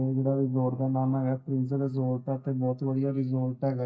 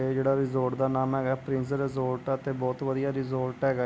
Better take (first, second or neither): second